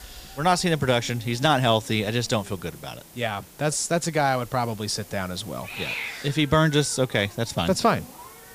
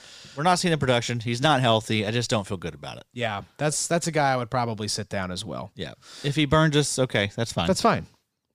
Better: second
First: hiss; noticeable; throughout; 15 dB below the speech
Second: none

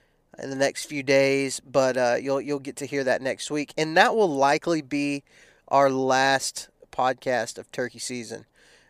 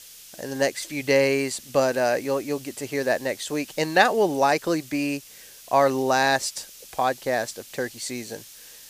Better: first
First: none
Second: hiss; noticeable; throughout; 20 dB below the speech

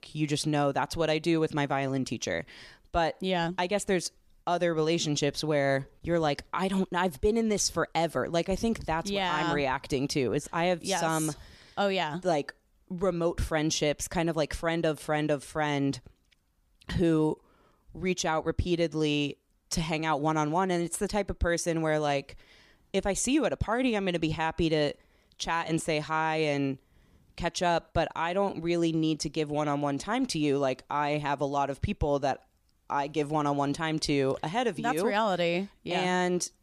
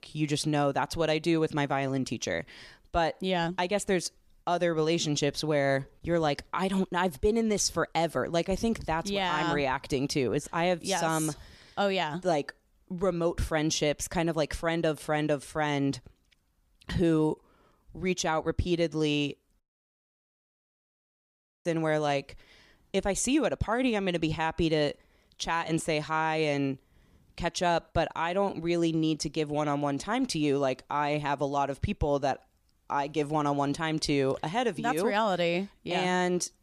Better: first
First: none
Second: audio cutting out; at 20 s for 2 s

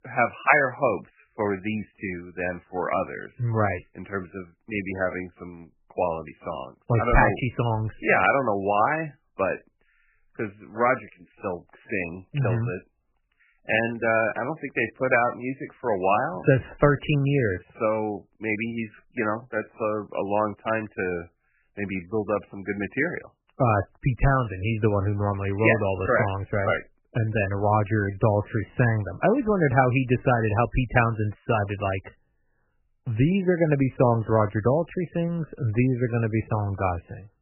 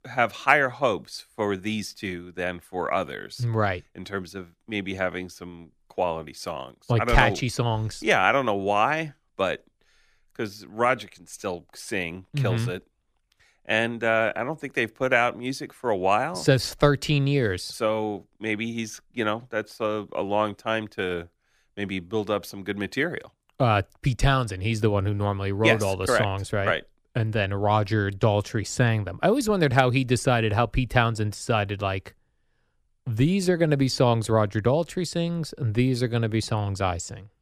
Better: second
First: garbled, watery; badly; nothing above 2.5 kHz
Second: none

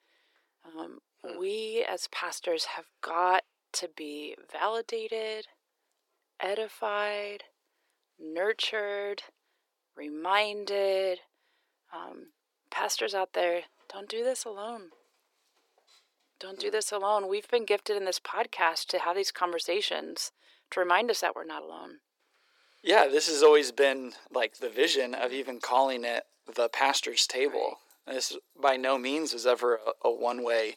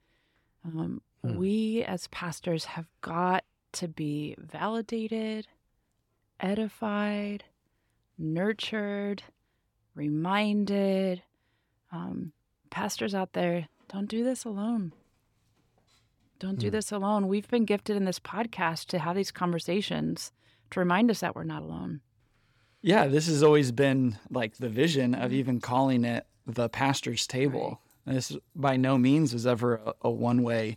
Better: second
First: thin; very; fading below 400 Hz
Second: none

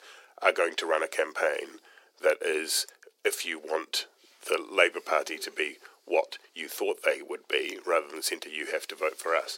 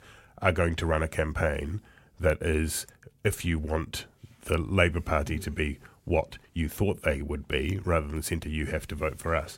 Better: second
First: thin; very; fading below 350 Hz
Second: none

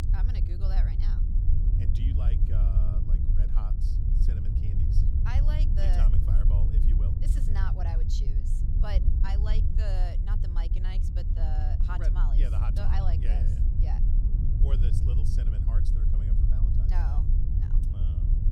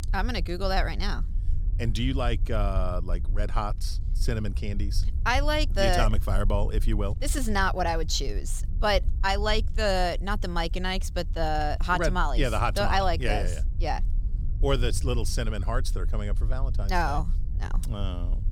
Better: second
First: low rumble; loud; throughout; 1 dB below the speech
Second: low rumble; faint; throughout; 20 dB below the speech

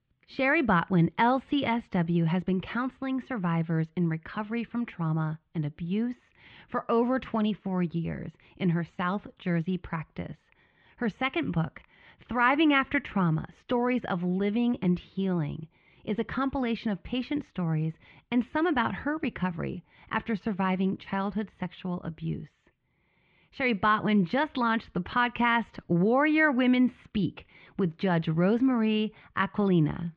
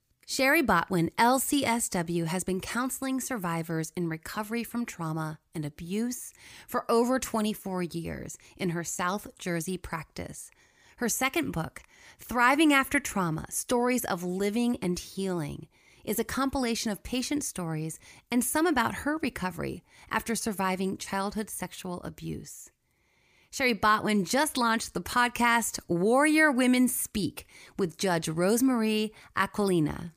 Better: second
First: muffled; very; fading above 3.5 kHz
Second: none

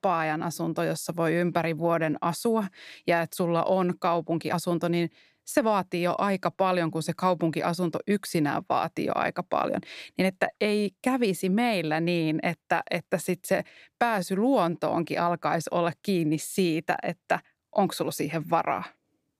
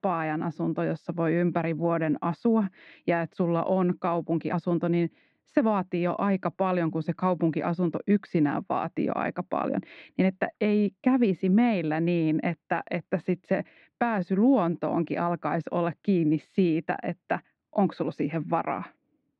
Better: first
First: none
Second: muffled; very; fading above 3 kHz

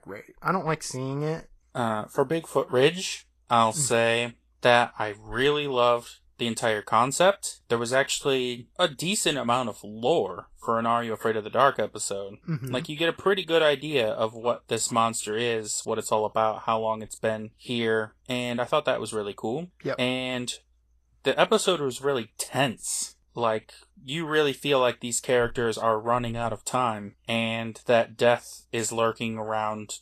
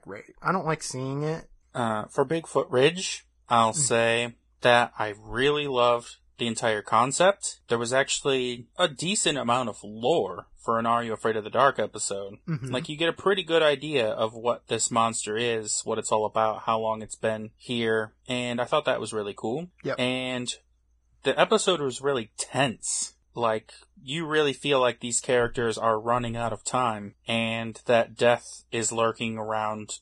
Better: first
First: garbled, watery; slightly; nothing above 14 kHz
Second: garbled, watery; badly; nothing above 9 kHz

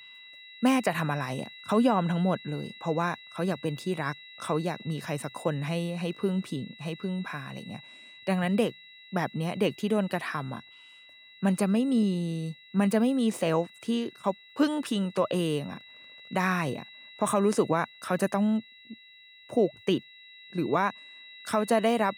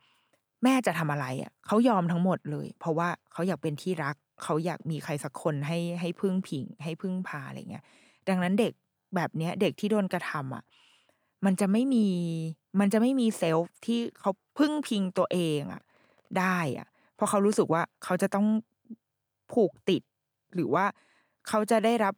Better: second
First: high-pitched whine; noticeable; throughout; 2 kHz, 20 dB below the speech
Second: none

